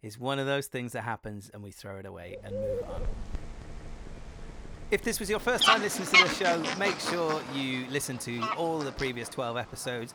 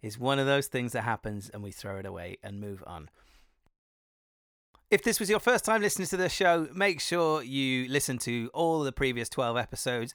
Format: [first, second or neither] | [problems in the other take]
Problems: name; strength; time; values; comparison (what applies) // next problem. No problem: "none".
second | animal sounds; very loud; from 2.5 s on; 4 dB above the speech